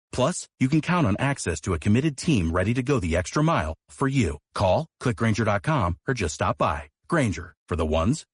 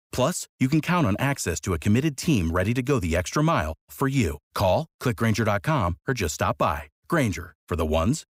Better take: second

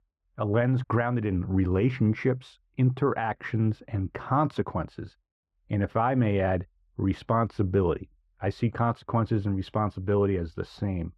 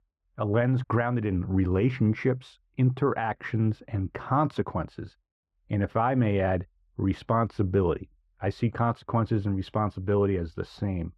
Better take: neither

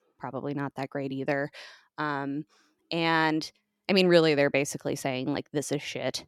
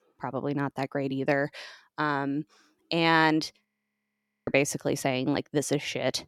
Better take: first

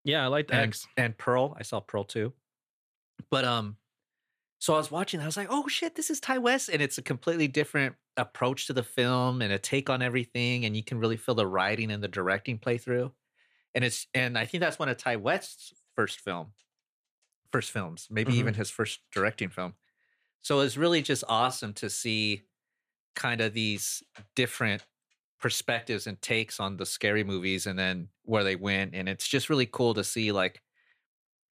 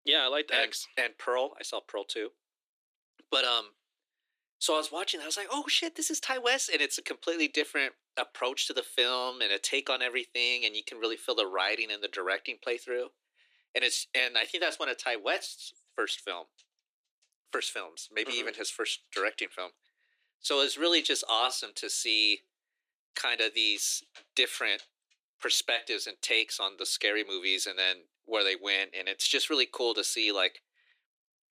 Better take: first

